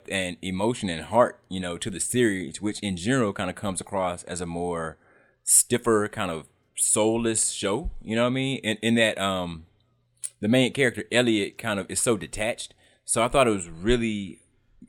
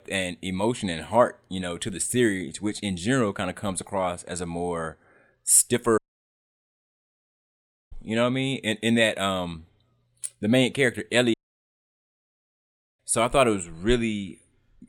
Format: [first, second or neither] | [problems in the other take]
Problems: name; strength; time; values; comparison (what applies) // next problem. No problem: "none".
first | audio cutting out; at 6 s for 2 s and at 11 s for 1.5 s